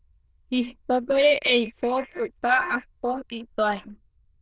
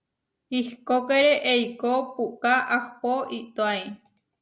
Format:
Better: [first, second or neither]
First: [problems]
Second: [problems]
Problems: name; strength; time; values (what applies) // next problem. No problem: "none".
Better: second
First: noise reduction (neural diffusion model UNIVERSE++)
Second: none